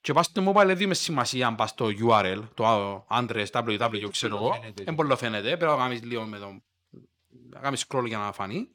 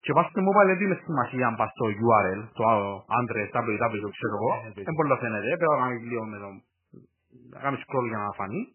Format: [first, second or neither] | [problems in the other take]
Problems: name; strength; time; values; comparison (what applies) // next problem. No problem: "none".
first | garbled, watery; badly; nothing above 2.5 kHz